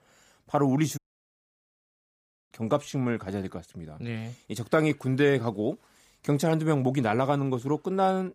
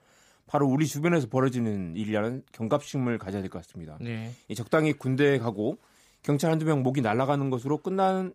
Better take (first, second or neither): second